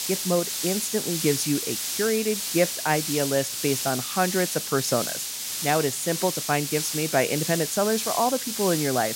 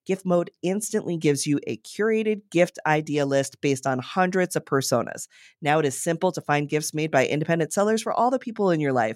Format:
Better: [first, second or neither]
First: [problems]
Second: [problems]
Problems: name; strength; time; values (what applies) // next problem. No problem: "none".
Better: second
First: hiss; loud; throughout; 2 dB below the speech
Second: none